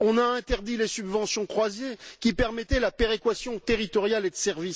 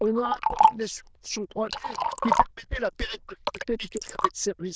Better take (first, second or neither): first